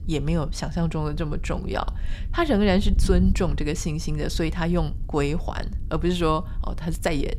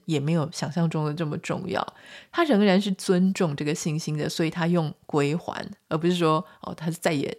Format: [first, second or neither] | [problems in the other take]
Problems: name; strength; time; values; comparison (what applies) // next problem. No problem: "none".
second | wind noise on the microphone; occasional gusts; 20 dB below the speech